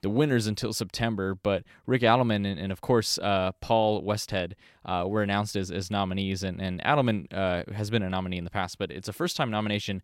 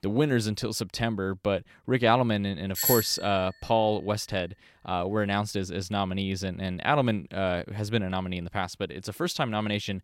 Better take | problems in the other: first | doorbell; loud; at 3 s; peak 3 dB above the speech

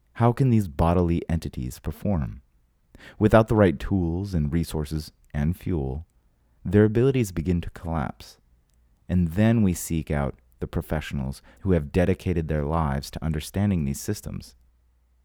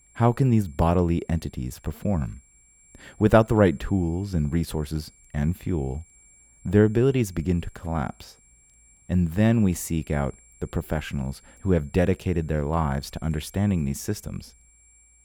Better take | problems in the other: first | high-pitched whine; faint; throughout; 7.5 kHz, 30 dB below the speech

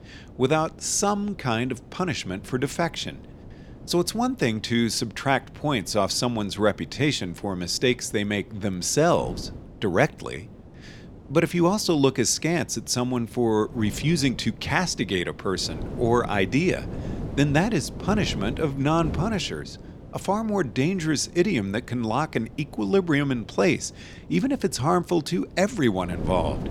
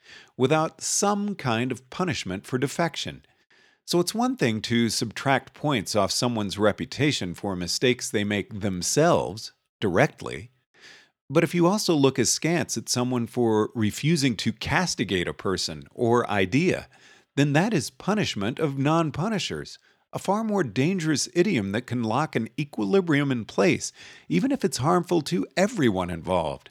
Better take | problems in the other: second | wind noise on the microphone; occasional gusts; 20 dB below the speech

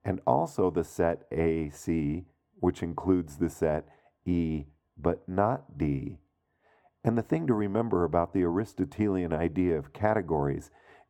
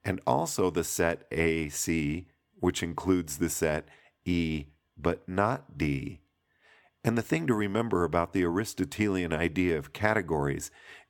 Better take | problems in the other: second | muffled; very; fading above 1.5 kHz

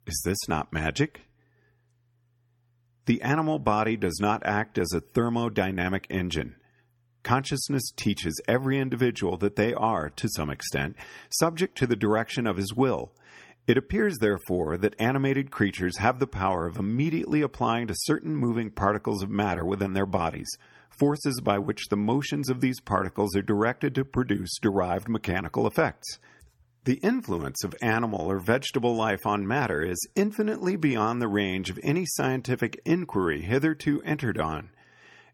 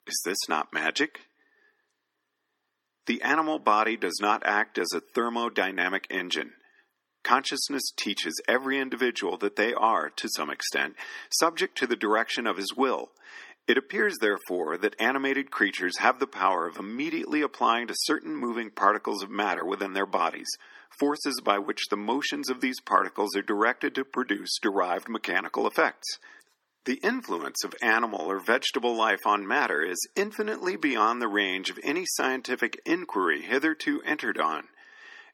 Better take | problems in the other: first | thin; somewhat; fading below 250 Hz

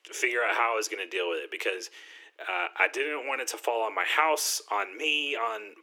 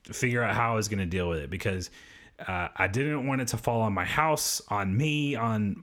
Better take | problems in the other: second | thin; very; fading below 350 Hz

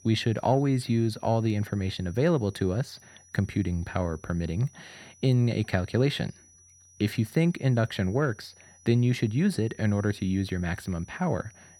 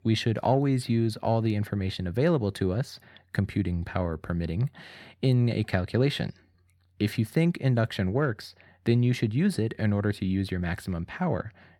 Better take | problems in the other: second | high-pitched whine; faint; throughout; 6 kHz, 25 dB below the speech

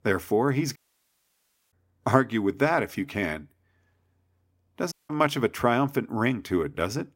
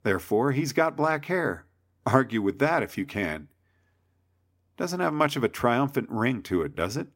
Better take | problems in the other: second | audio cutting out; at 1 s for 1 s and at 5 s

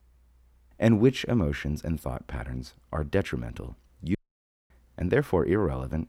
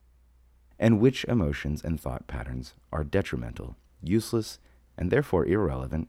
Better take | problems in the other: second | audio cutting out; at 4 s for 0.5 s

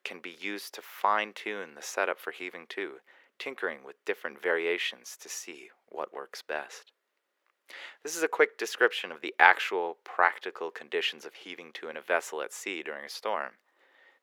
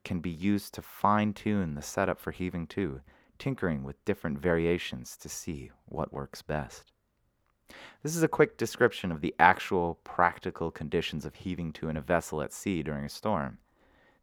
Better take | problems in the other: second | thin; very; fading below 400 Hz

